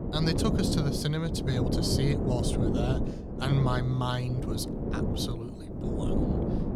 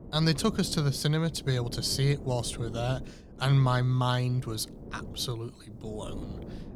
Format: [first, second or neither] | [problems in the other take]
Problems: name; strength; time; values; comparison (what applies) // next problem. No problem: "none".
second | wind noise on the microphone; heavy; 1 dB below the speech; occasional gusts in the second